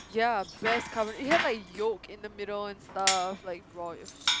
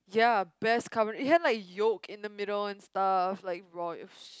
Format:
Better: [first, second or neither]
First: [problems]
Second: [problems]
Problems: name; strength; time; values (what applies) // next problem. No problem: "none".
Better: second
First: background sound (Bicycle); 3 dB below the speech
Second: none